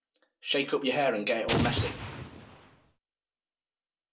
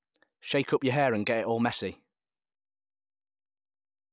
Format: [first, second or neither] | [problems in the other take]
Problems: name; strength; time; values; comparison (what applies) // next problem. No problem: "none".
second | background sound (Explosion); as loud as the speech // room echo; dies away in 0.2 s